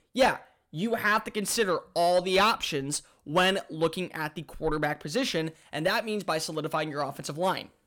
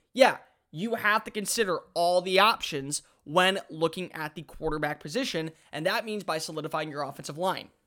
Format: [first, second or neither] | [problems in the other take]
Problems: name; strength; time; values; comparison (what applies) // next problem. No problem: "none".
second | distortion; slight; 10 dB below the speech